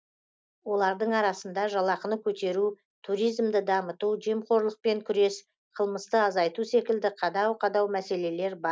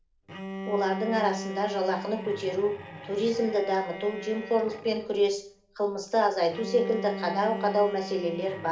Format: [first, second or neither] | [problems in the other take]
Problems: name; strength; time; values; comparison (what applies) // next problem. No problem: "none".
first | background sound (Bowed string instrument); 11 dB below the speech // room echo; dies away in 0.4 s